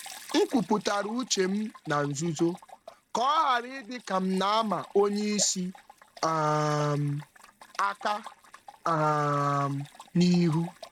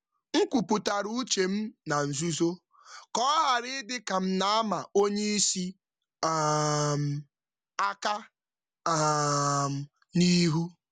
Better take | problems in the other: second | noise reduction (neural mask model RNNoise)

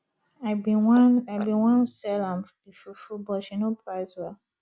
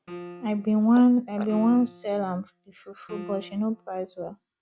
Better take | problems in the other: first | background sound (Piano); 19 dB below the speech

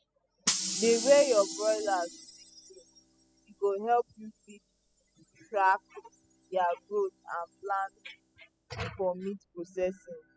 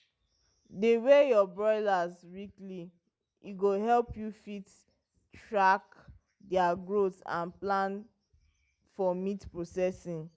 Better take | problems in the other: second | noise reduction (classical method spectral subtraction)

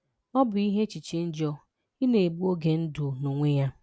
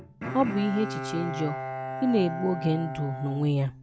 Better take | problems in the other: first | background sound (Bowed string instrument); 7 dB below the speech

